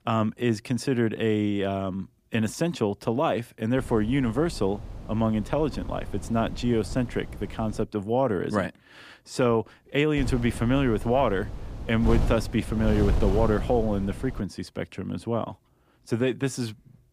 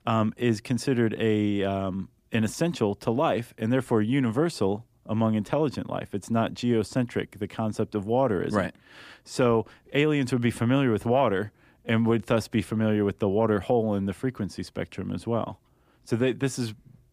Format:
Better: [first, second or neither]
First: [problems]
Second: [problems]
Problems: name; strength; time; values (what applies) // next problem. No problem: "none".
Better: second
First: wind noise on the microphone; occasional gusts; from 4 to 8 s and from 10 to 14 s; 15 dB below the speech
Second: none